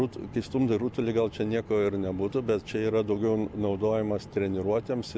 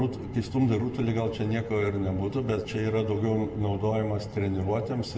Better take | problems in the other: first | room echo; dies away in 1.4 s

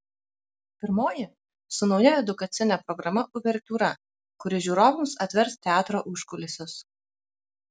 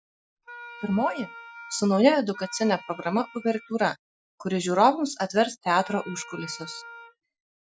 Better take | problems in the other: first | noise reduction (classical method Wiener filter)

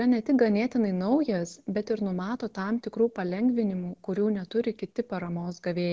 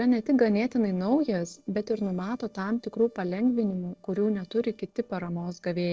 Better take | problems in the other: first | noise reduction (neural separator model SepFormer DNS4)

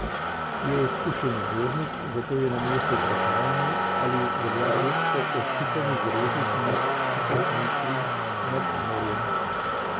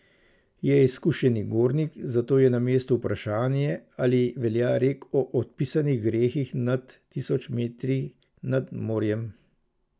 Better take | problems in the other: second | background sound (Motor vehicle (road)); 4 dB above the speech

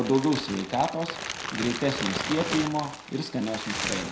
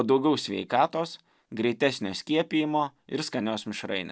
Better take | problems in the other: second | background sound (Crumpling, crinkling); 6 dB below the speech // room echo; dies away in 0.5 s

